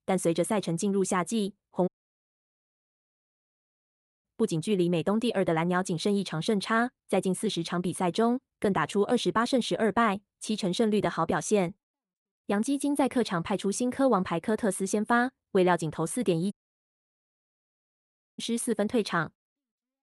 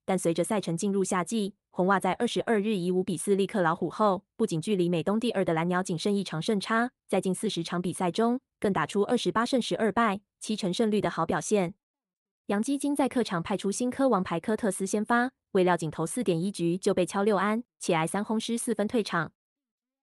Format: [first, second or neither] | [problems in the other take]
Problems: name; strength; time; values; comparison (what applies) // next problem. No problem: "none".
second | audio cutting out; at 2 s for 2.5 s and at 17 s for 2 s